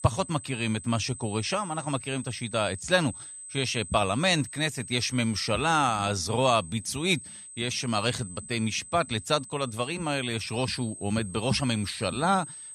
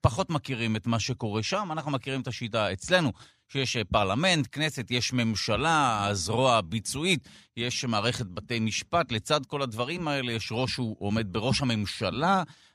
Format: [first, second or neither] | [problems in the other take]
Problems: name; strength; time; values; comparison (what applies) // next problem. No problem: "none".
second | high-pitched whine; noticeable; throughout; 8 kHz, 15 dB below the speech